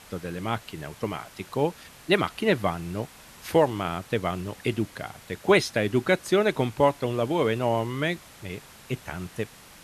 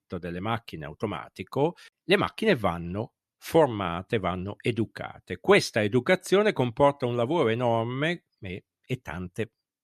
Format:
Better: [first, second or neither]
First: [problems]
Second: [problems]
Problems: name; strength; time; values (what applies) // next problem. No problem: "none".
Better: second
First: hiss; faint; throughout; 20 dB below the speech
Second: none